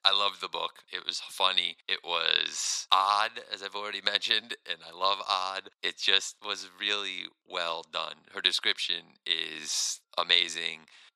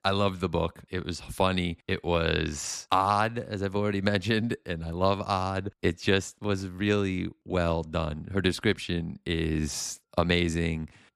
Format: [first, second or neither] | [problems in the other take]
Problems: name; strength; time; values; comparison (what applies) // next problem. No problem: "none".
second | thin; very; fading below 750 Hz